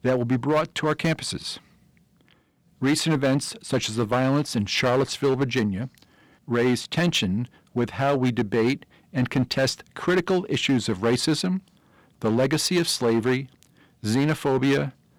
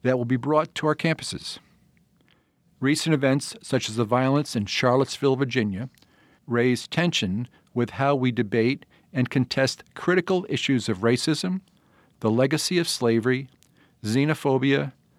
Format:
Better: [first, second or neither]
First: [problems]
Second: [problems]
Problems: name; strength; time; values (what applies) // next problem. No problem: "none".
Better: second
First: distortion; slight; 6% of the sound clipped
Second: none